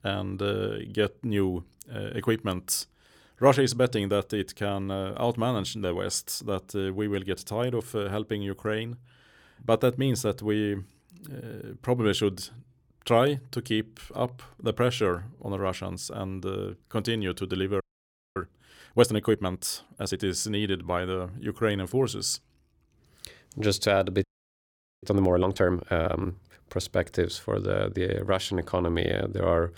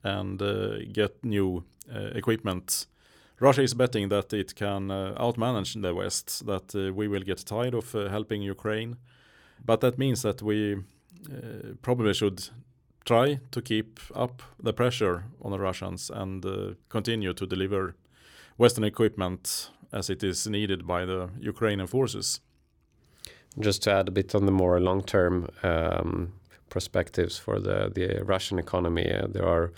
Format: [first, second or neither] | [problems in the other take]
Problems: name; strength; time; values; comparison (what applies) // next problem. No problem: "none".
second | audio freezing; at 18 s for 0.5 s and at 24 s for 1 s